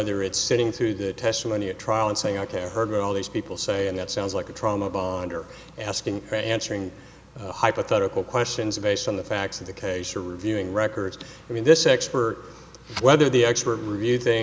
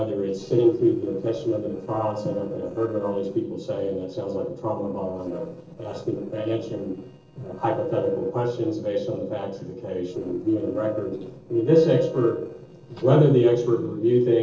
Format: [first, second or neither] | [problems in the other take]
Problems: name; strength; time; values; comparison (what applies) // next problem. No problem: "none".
first | noise reduction (neural separator model SepFormer DNS4)